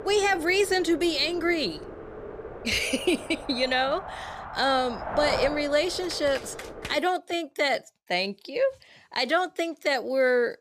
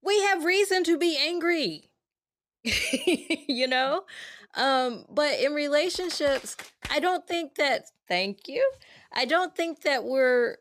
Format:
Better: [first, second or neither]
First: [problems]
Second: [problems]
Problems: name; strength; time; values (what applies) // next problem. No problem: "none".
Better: second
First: wind noise on the microphone; occasional gusts; until 7 s; 10 dB below the speech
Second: none